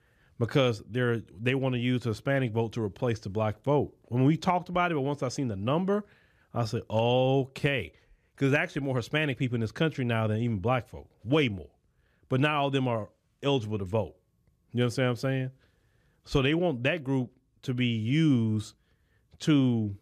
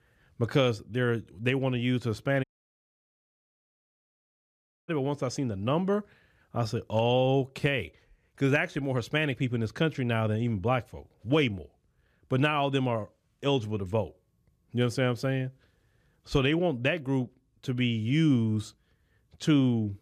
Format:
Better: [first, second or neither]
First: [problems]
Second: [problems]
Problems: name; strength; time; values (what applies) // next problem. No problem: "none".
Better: first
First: none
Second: audio cutting out; at 2.5 s for 2.5 s